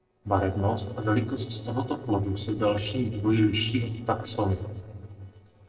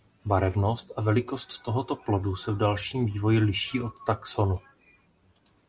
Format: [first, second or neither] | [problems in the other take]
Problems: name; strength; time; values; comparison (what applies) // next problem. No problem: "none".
second | noise reduction (neural separator model SepFormer DNS4)